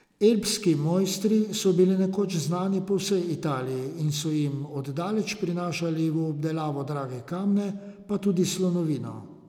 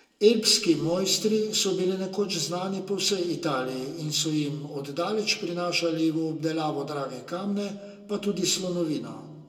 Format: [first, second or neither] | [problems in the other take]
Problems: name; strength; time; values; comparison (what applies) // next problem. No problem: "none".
first | room echo; dies away in 0.2 s